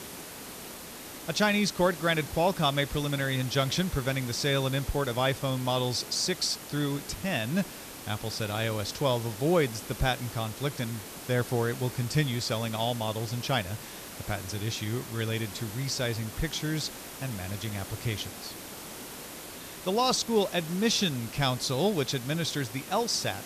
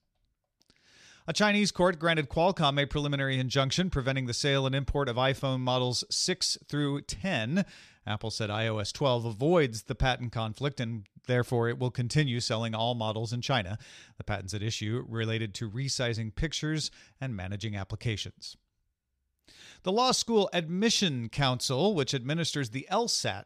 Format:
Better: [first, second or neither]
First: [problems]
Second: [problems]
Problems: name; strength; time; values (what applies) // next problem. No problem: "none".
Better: second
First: hiss; noticeable; throughout; 10 dB below the speech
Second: none